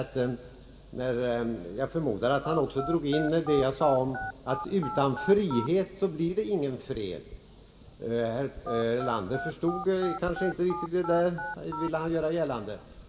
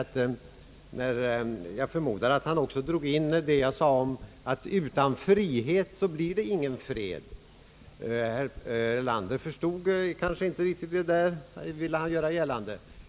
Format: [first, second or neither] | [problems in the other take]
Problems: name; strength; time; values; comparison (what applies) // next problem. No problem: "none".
second | background sound (Telephone); 9 dB below the speech // room echo; dies away in 2.5 s